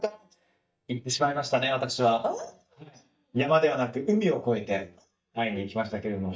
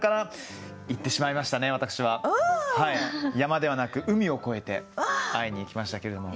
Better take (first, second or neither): second